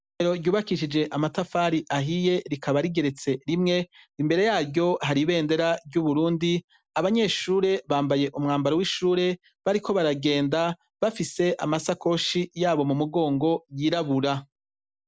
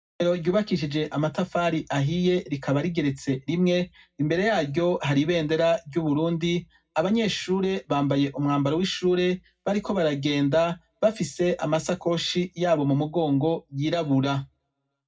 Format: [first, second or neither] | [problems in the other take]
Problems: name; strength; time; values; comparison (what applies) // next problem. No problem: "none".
first | room echo; dies away in 0.4 s